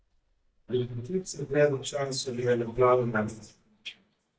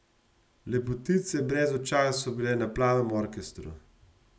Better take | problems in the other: second | noise reduction (neural mask model DeepFilterNet 3)

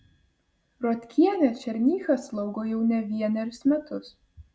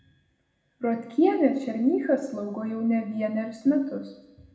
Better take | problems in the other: first | room echo; dies away in 0.9 s

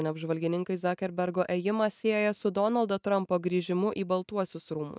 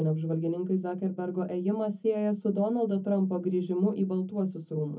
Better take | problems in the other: first | room echo; dies away in 0.3 s

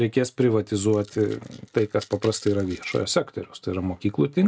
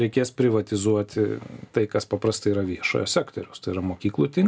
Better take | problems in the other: second | noise reduction (neural mask model RNNoise)

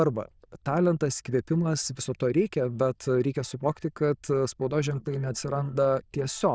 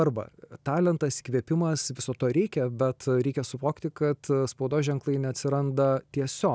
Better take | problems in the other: second | noise reduction (neural diffusion model UNIVERSE++)

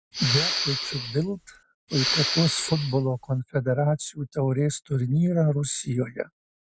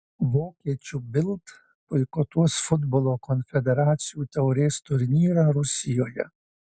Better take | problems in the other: second | background sound (Respiratory sounds); 3 dB below the speech

